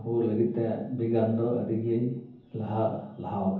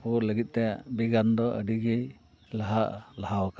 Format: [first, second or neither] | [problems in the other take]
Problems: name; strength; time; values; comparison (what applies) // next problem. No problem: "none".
second | room echo; dies away in 0.7 s